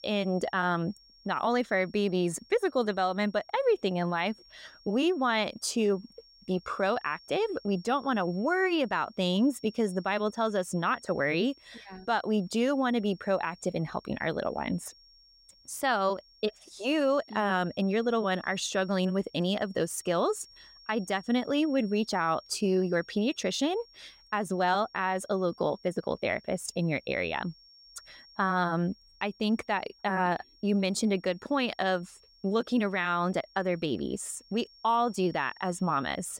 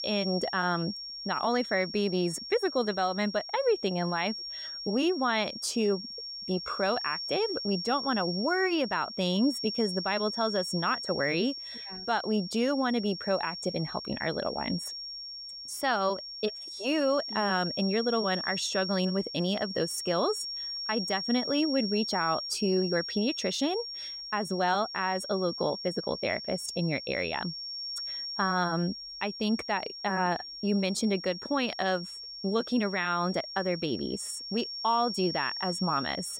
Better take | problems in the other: first | high-pitched whine; loud; throughout; 5.5 kHz, 6 dB below the speech; faint in the first

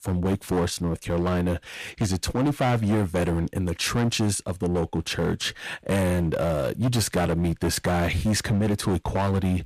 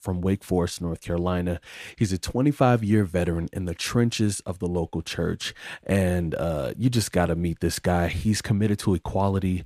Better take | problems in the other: second | distortion; heavy; 15% of the sound clipped

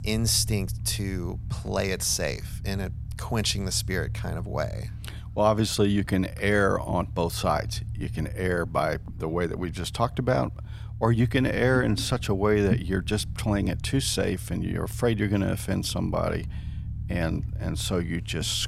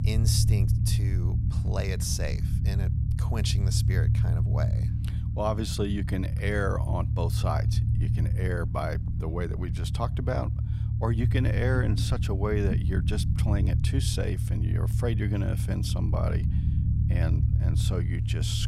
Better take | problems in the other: first | low rumble; loud; throughout; 6 dB below the speech; faint in the first

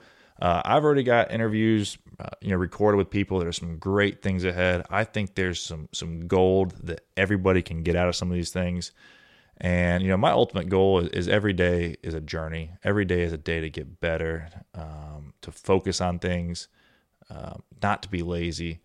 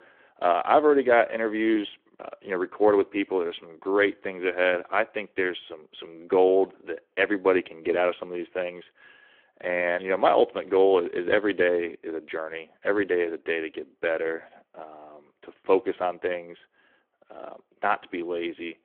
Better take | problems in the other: first | phone-call audio

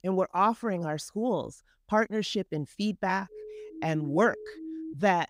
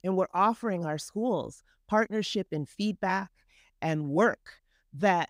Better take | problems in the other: second | siren; faint; from 3.5 s on; peak 10 dB below the speech

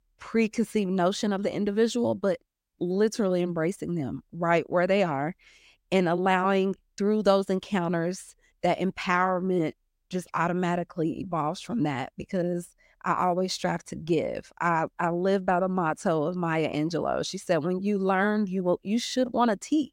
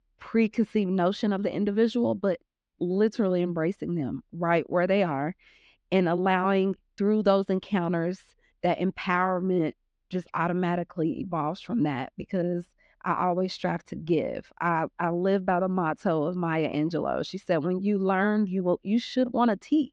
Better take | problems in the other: first | muffled; very slightly; fading above 4 kHz

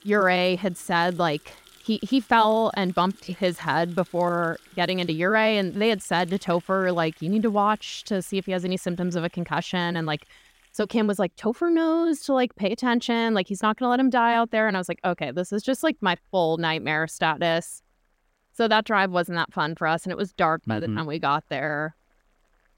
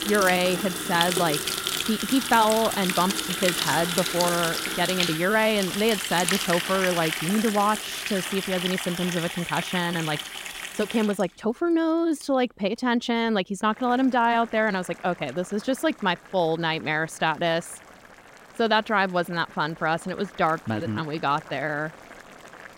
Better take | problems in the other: first | household noises; loud; throughout; 3 dB below the speech; faint in the first

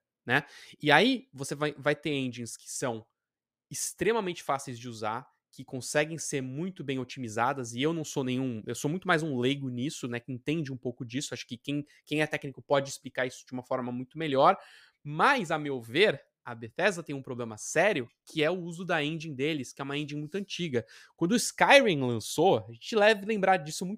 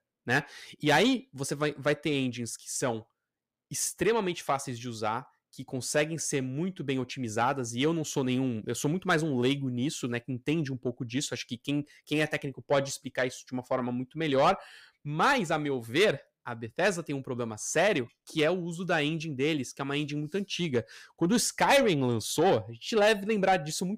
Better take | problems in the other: first | distortion; slight; 10 dB below the speech

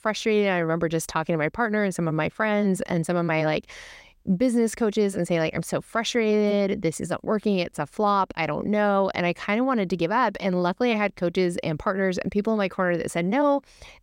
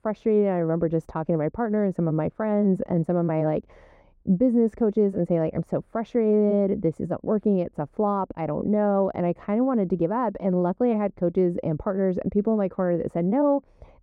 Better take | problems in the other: first | muffled; very; fading above 1.5 kHz

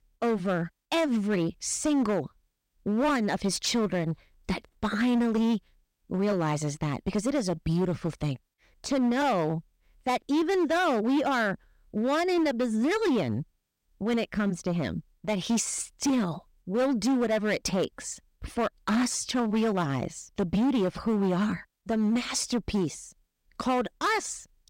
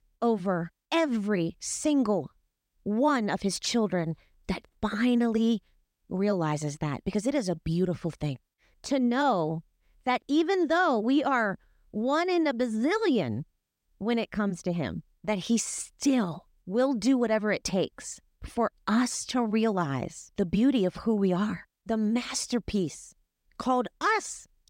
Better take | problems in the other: second | distortion; slight; 11% of the sound clipped

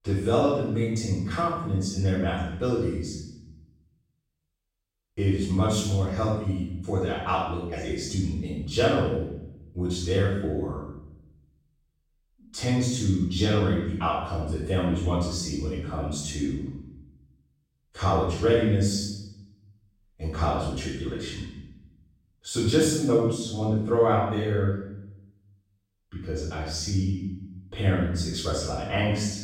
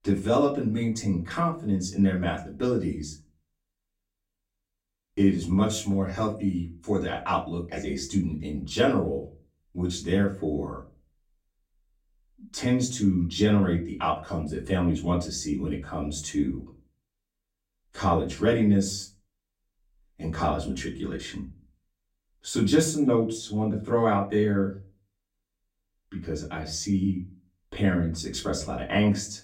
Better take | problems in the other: second | room echo; strong; dies away in 0.8 s; slight in the second // off-mic speech; far; far in the second

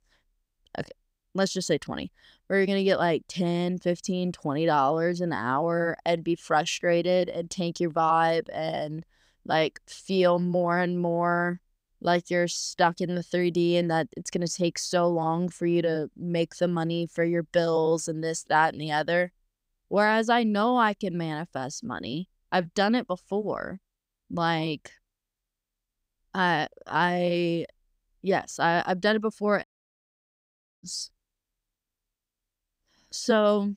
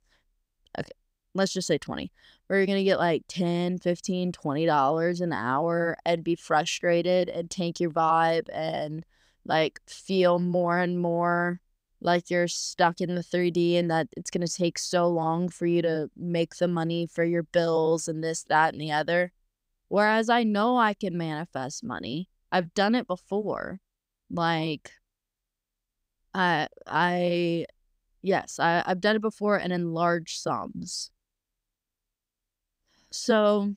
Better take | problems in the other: second | audio cutting out; at 30 s for 1 s

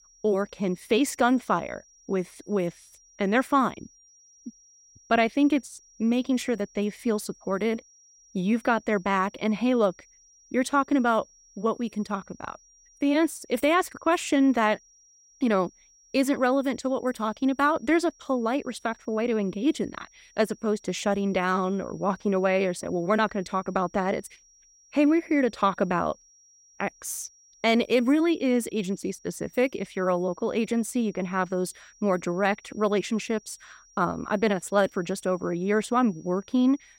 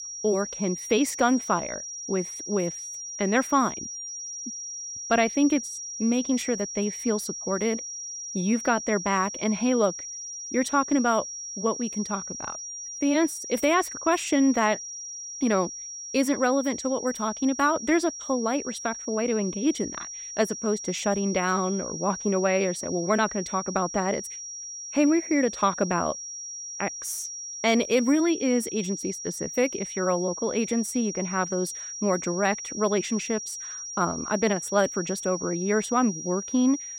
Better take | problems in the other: first | high-pitched whine; loud; throughout; 5.5 kHz, 8 dB below the speech; faint in the first

